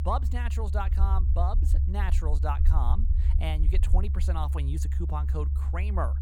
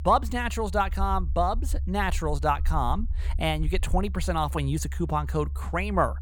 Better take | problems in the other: second | low rumble; loud; throughout; 9 dB below the speech; faint in the second

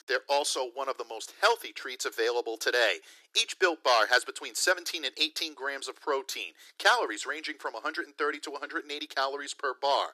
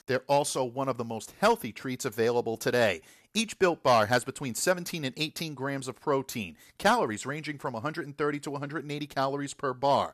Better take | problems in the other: second | thin; very; fading below 300 Hz

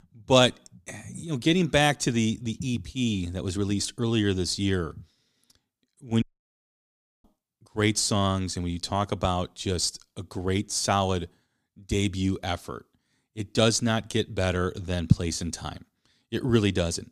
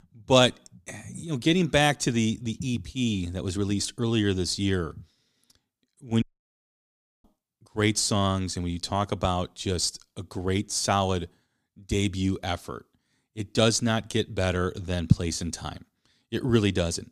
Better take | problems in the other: neither | audio cutting out; at 6 s for 1 s; the same in both

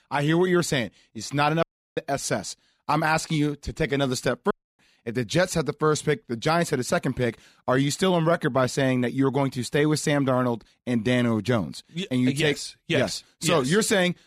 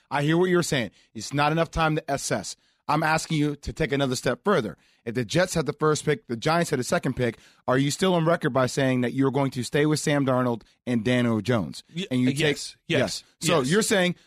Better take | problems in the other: second | audio cutting out; at 1.5 s and at 4.5 s

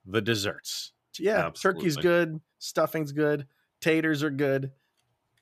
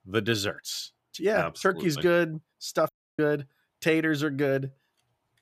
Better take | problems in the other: first | audio cutting out; at 3 s

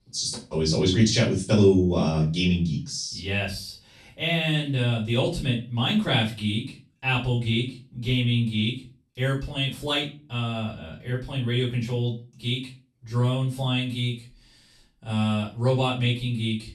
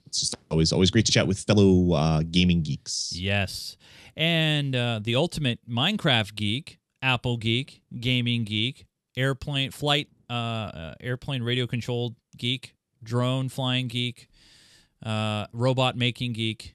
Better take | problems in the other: second | off-mic speech; far // room echo; slight; dies away in 0.3 s

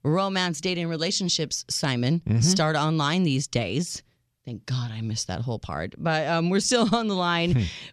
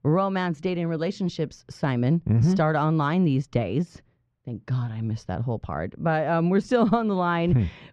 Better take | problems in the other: first | muffled; very; fading above 3 kHz

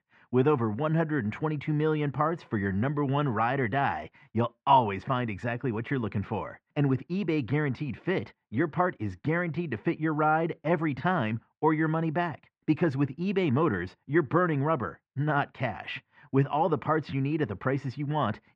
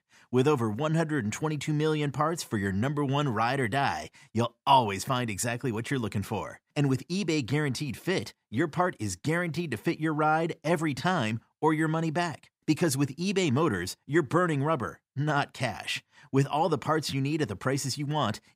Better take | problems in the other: second | muffled; very; fading above 2.5 kHz

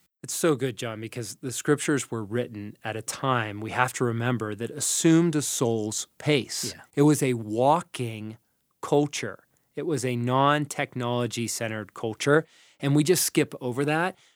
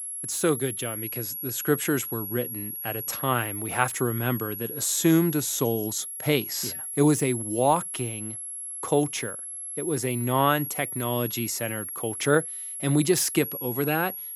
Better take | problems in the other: first | high-pitched whine; loud; throughout; 11.5 kHz, 6 dB below the speech

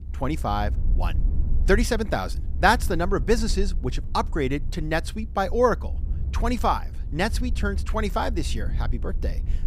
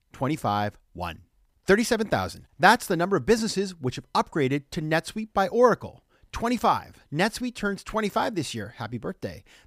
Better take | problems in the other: second | low rumble; faint; throughout; 20 dB below the speech

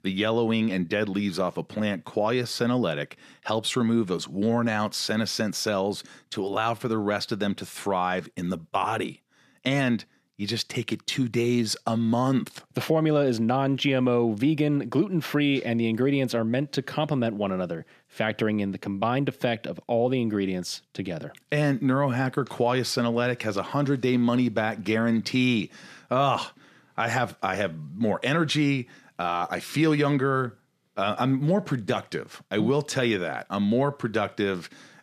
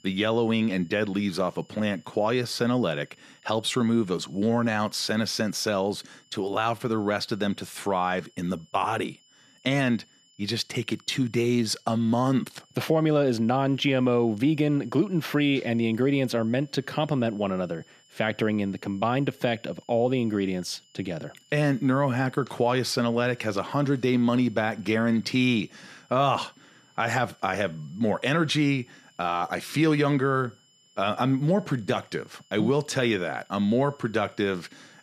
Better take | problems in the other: first | high-pitched whine; faint; throughout; 3 kHz, 30 dB below the speech

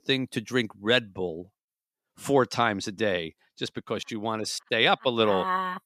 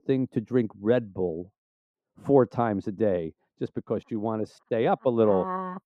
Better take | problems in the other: first | muffled; very; fading above 1.5 kHz

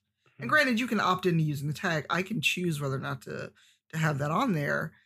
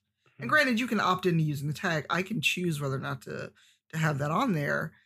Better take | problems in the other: neither | none

